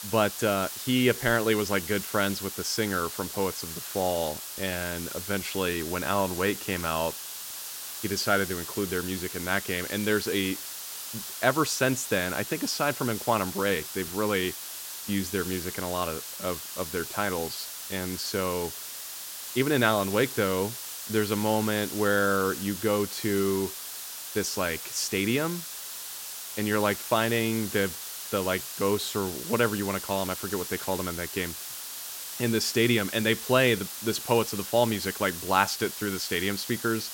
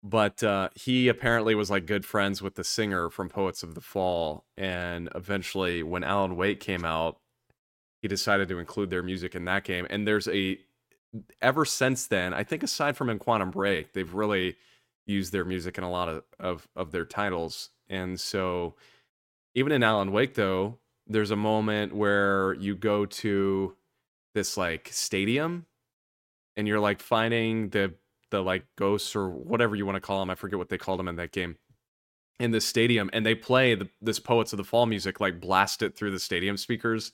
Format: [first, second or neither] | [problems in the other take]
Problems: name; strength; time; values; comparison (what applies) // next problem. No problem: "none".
second | hiss; loud; throughout; 7 dB below the speech